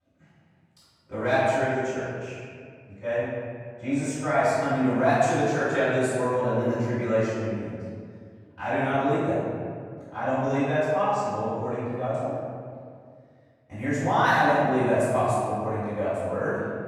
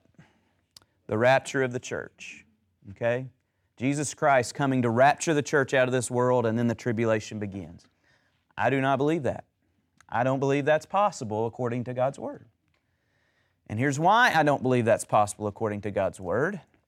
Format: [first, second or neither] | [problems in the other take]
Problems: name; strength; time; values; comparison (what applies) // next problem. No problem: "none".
second | off-mic speech; far // room echo; strong; dies away in 1.9 s